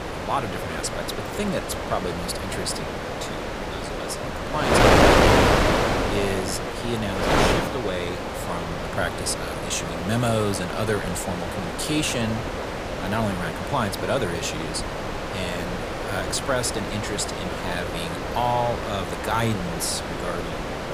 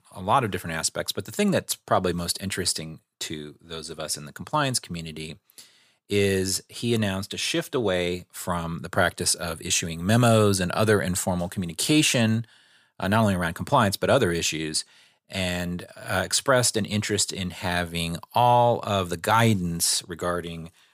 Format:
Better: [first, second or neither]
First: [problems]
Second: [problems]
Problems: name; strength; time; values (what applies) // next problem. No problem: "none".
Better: second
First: wind noise on the microphone; heavy; 3 dB above the speech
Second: none